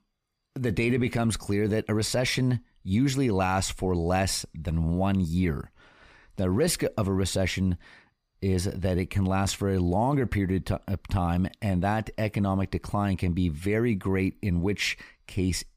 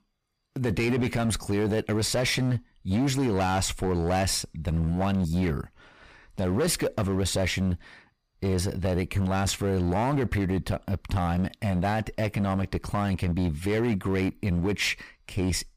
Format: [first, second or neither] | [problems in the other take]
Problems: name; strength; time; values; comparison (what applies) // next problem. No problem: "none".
first | distortion; slight; 13% of the sound clipped